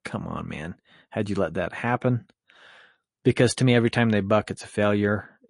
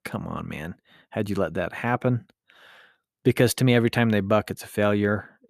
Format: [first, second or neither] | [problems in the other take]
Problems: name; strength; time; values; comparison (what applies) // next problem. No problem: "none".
second | garbled, watery; slightly; nothing above 10.5 kHz